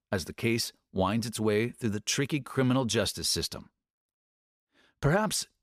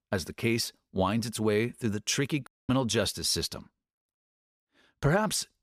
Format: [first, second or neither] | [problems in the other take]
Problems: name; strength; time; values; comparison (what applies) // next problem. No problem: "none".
first | audio cutting out; at 2.5 s